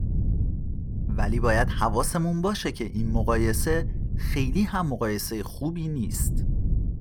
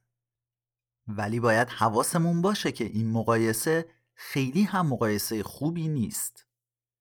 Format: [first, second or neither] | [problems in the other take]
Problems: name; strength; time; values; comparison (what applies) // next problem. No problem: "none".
second | low rumble; noticeable; throughout; 15 dB below the speech